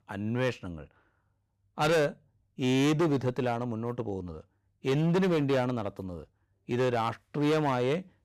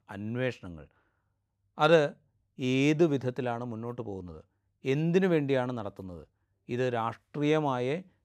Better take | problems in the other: second | distortion; heavy; 10% of the sound clipped

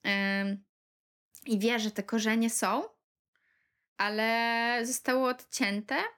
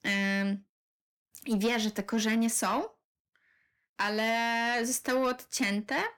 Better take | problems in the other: first | distortion; slight; 10 dB below the speech

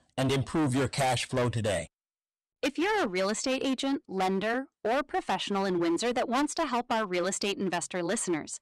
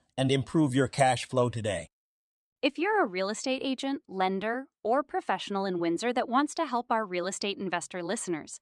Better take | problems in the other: second | distortion; heavy; 17% of the sound clipped

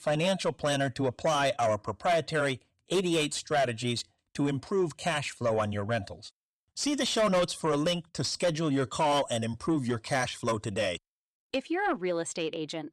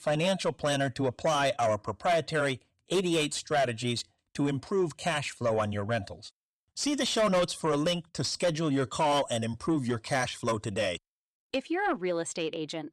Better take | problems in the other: neither | distortion; slight; 10 dB below the speech; the same in both

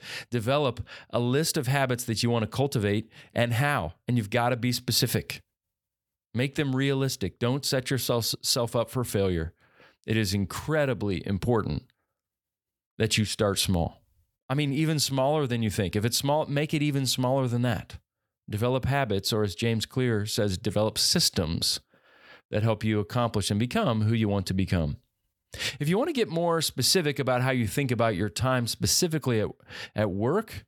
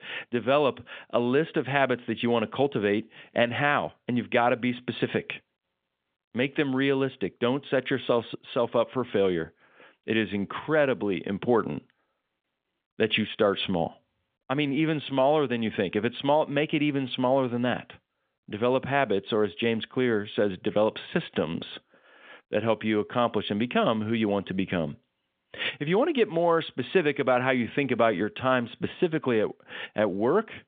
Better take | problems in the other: first | phone-call audio; nothing above 3.5 kHz

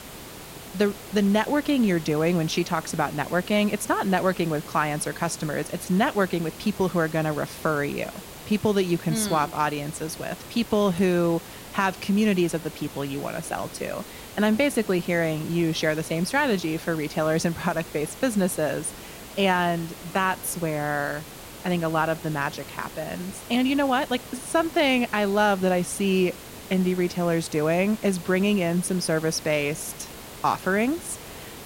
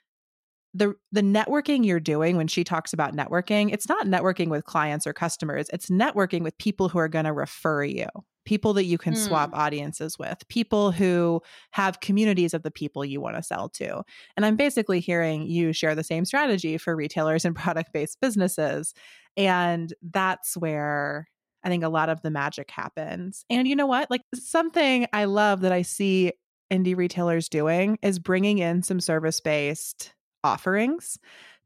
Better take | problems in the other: second | hiss; noticeable; throughout; 15 dB below the speech

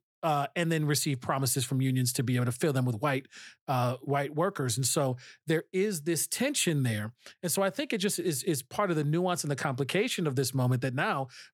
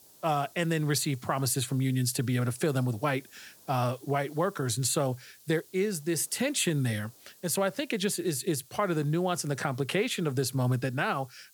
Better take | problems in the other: first | hiss; faint; throughout; 25 dB below the speech

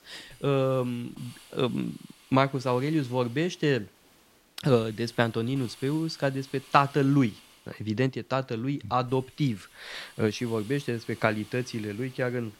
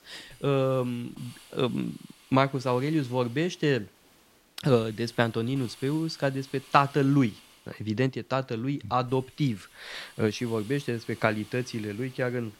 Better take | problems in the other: neither | hiss; faint; throughout; 25 dB below the speech; the same in both

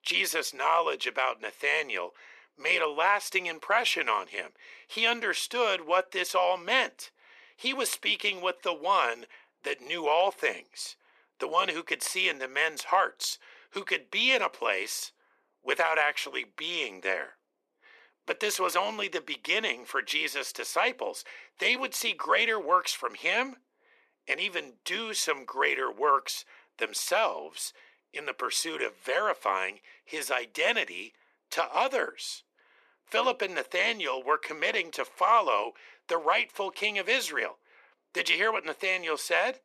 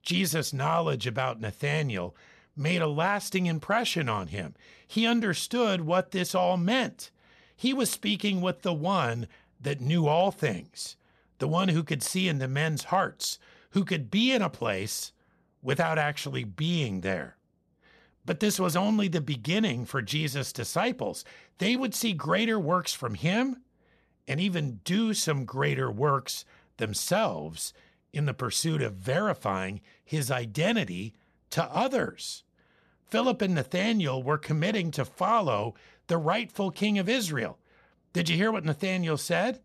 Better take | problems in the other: second | thin; very; fading below 350 Hz

